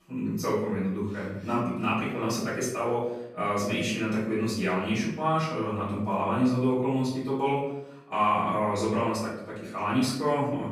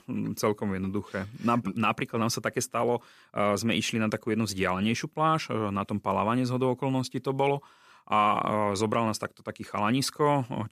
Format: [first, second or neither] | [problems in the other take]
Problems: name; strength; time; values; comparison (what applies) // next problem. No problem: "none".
second | off-mic speech; far // room echo; noticeable; dies away in 0.7 s